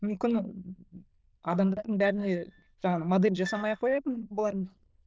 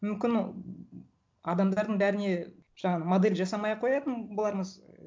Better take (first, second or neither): second